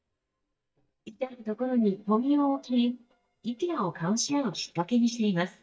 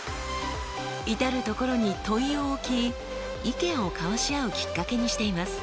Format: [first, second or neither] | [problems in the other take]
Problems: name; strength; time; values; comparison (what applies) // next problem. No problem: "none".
second | noise reduction (neural mask model DeepFilterNet 3)